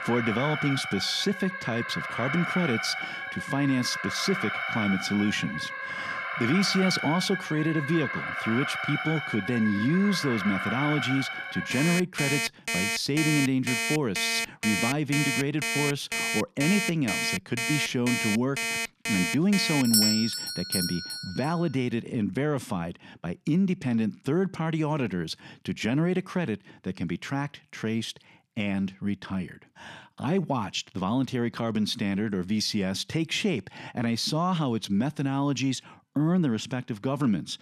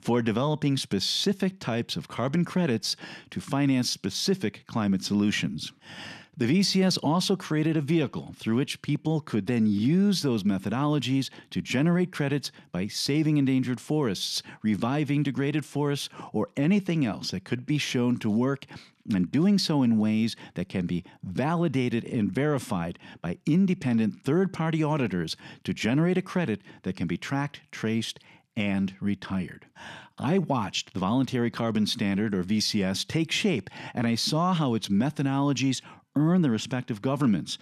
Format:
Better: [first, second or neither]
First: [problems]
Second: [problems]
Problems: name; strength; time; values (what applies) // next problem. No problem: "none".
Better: second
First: alarms or sirens; loud; until 22 s; 1 dB below the speech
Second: none